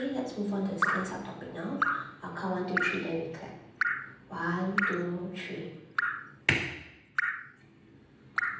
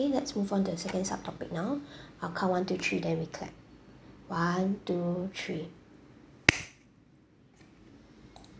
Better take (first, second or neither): second